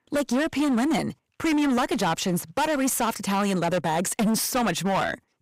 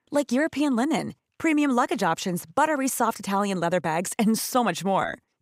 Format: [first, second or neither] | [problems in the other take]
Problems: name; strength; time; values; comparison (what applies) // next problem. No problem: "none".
second | distortion; heavy; 21% of the sound clipped